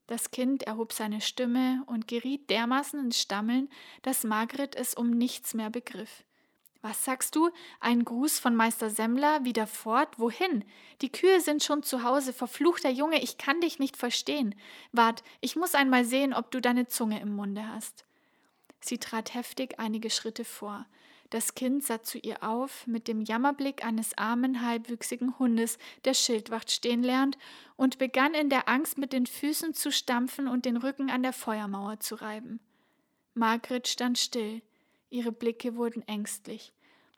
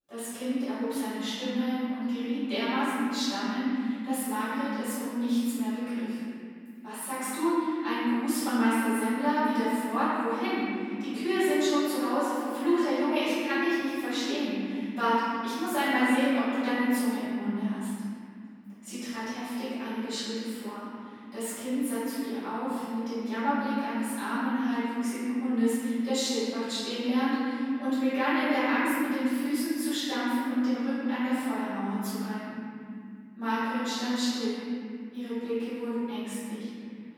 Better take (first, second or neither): first